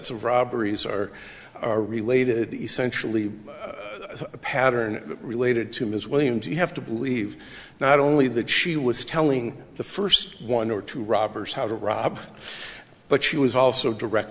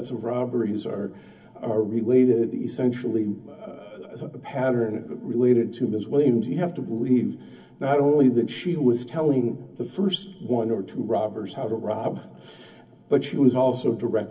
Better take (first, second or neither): first